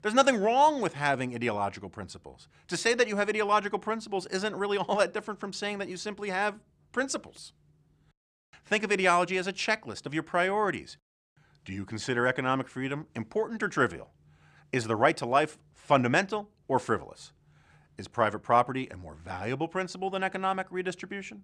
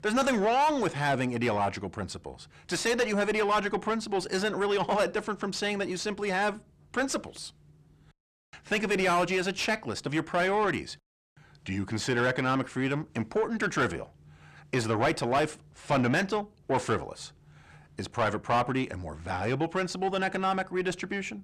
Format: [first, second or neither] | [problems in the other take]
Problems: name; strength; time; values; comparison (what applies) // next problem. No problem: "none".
first | distortion; heavy; 7 dB below the speech